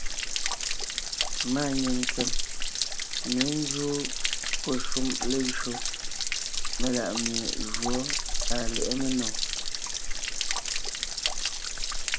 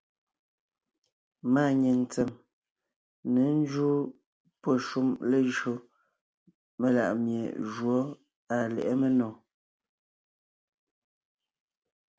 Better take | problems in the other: second | background sound (Stream / Trickle, dribble / Splash, splatter); 5 dB above the speech

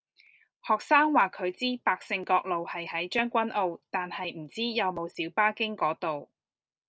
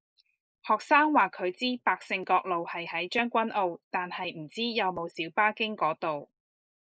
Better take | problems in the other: first | noise reduction (neural mask model Resemble Enhance denoiser)

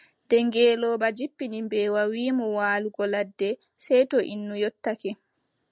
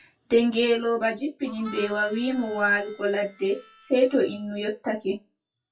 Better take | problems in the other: first | noise reduction (classical method WPE with log-MMSE)

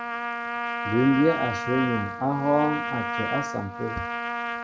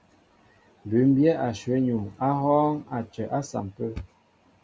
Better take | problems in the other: second | background sound (Trumpet); 4 dB below the speech // room echo; dies away in 0.5 s

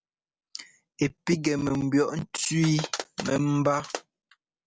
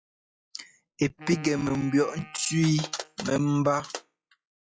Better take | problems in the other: first | noise reduction (classical method log-MMSE)

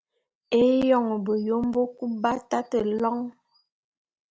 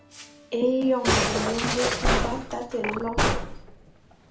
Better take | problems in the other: first | background sound (Musical instrument); 2 dB above the speech // room echo; dies away in 0.4 s

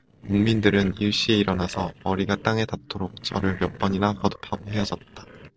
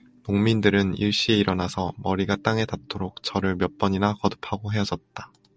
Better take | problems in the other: second | noise reduction (neural separator model SepFormer DNS4)

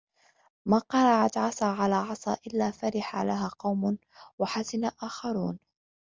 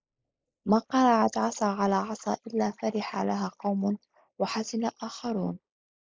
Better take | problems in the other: first | noise reduction (neural mask model Resemble Enhance denoiser)

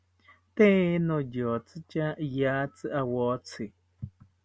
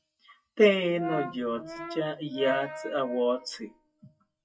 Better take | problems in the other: first | noise reduction (classical method WPE with log-MMSE)

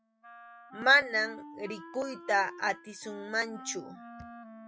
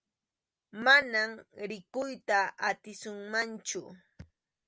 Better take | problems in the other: second | noise reduction (classical method log-MMSE)

